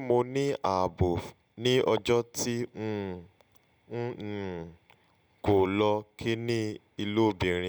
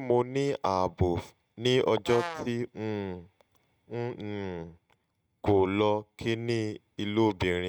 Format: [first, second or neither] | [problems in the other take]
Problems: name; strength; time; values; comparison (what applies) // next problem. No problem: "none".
first | noise reduction (neural mask model RNNoise)